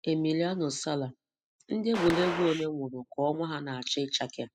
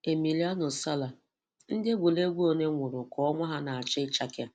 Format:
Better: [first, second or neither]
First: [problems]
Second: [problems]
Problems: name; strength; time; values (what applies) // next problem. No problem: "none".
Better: second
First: noise reduction (classical method spectral subtraction)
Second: none